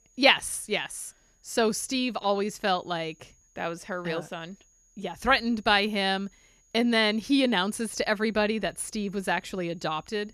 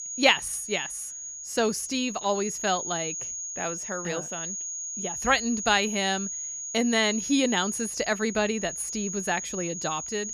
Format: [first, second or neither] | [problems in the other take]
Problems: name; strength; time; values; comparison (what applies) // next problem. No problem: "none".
first | high-pitched whine; loud; throughout; 6.5 kHz, 5 dB below the speech; faint in the first